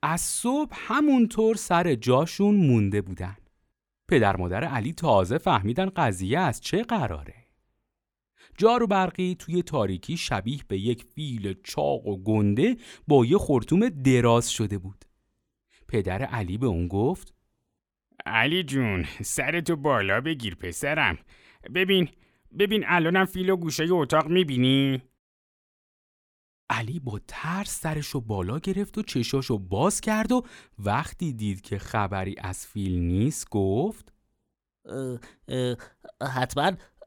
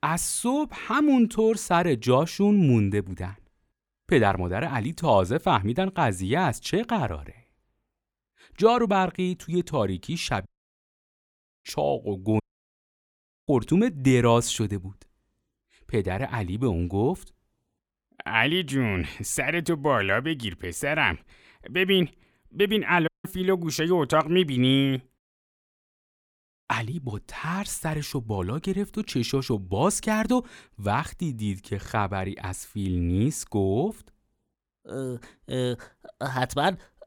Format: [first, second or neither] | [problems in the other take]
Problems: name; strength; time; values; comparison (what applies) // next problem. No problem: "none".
first | audio cutting out; at 10 s for 1 s, at 12 s for 1 s and at 23 s